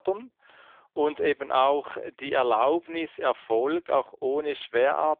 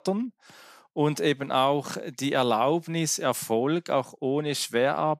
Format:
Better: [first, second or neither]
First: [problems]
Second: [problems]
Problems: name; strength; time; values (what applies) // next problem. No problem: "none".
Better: second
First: phone-call audio; poor line; nothing above 3.5 kHz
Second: none